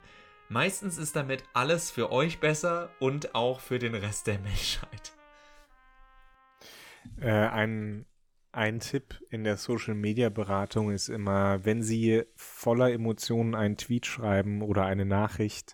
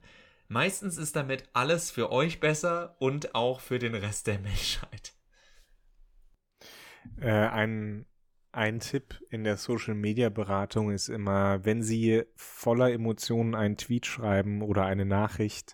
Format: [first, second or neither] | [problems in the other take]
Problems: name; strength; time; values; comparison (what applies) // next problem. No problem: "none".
second | background music; faint; throughout; 30 dB below the speech